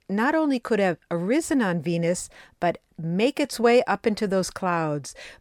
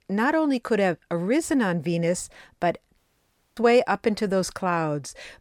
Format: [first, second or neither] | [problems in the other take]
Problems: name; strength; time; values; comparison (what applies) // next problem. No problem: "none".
first | audio cutting out; at 3 s for 0.5 s